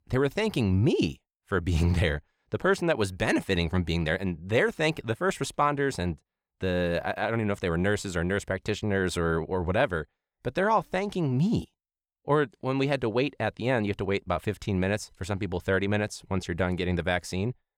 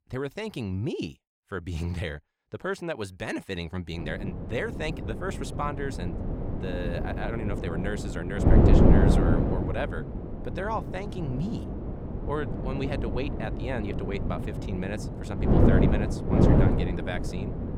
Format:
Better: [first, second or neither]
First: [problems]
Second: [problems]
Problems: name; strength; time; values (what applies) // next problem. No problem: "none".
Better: first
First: none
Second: wind noise on the microphone; heavy; from 4 s on; 2 dB above the speech